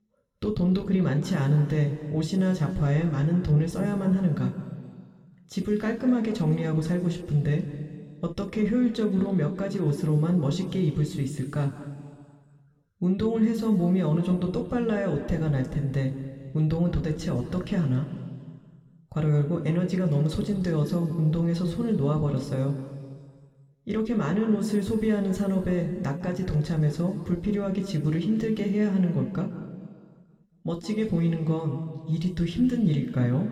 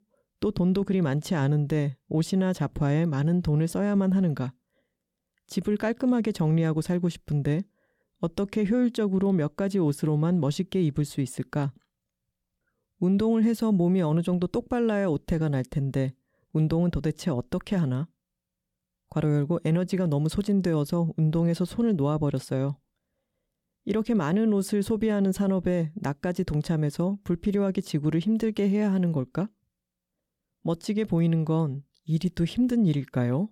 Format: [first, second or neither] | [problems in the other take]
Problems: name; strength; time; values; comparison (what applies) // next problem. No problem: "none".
second | room echo; noticeable; dies away in 2 s // off-mic speech; somewhat distant